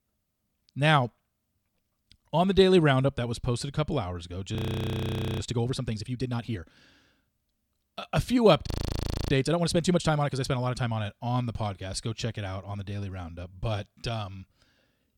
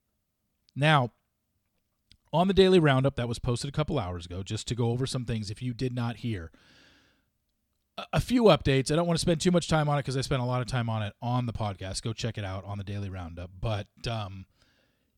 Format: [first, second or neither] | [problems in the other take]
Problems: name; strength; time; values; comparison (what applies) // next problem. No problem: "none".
second | audio freezing; at 4.5 s for 1 s and at 8.5 s for 0.5 s